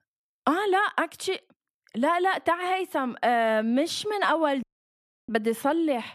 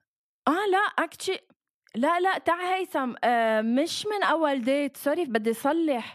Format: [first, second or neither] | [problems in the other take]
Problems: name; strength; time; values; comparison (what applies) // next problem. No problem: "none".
second | audio cutting out; at 4.5 s for 0.5 s